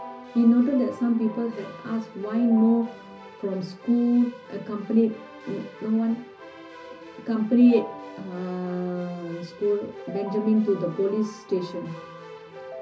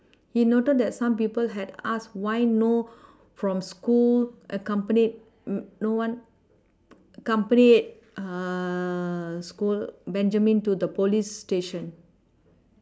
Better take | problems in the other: second | background sound (Keyboard (musical)); 16 dB below the speech // room echo; dies away in 0.4 s

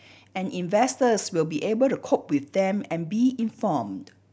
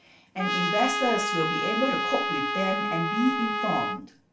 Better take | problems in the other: first | background sound (Trumpet); as loud as the speech // room echo; dies away in 0.3 s

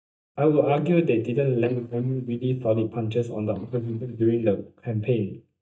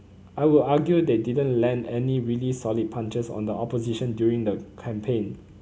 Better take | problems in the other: second | noise reduction (neural mask model DeepFilterNet 3)

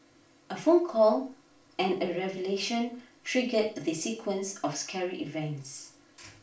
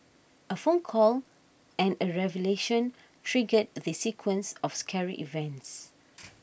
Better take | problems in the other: second | room echo; dies away in 0.4 s

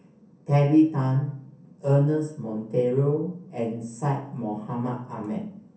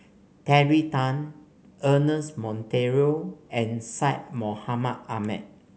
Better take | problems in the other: second | room echo; dies away in 0.6 s

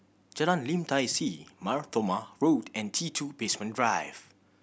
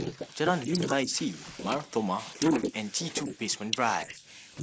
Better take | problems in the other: first | noise reduction (neural mask model Resemble Enhance denoiser)

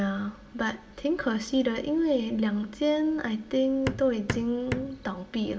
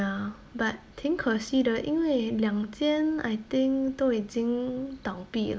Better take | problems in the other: second | background sound (Hammer); 7 dB below the speech // room echo; dies away in 0.6 s

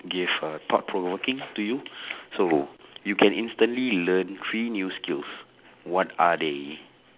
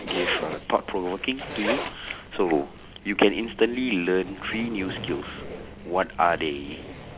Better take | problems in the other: first | background sound (Zipper (clothing)); 9 dB below the speech

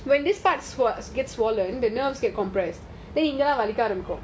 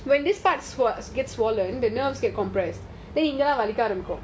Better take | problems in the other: first | background sound (Bowed string instrument); 18 dB below the speech

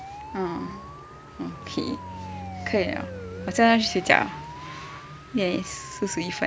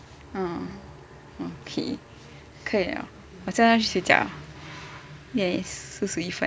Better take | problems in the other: second | background sound (Bowed string instrument + Siren); 12 dB below the speech

